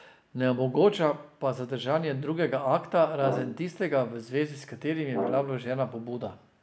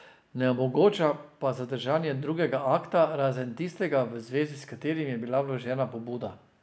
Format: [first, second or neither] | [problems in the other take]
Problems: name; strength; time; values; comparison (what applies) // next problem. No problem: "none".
second | background sound (Brass instrument); 9 dB below the speech